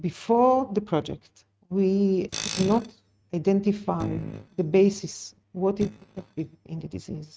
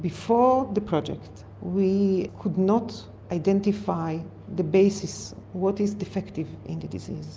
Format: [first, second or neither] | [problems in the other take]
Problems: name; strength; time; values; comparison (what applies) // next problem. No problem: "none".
second | noise reduction (neural mask model RNNoise)